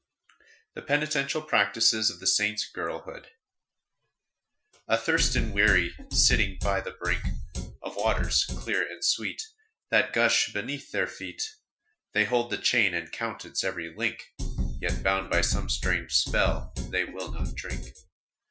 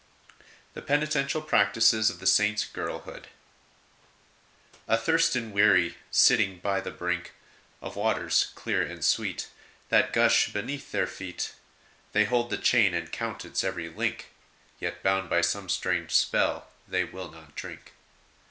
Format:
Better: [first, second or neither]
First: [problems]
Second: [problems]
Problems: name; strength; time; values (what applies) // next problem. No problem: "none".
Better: second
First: noise reduction (classical method Wiener filter)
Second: none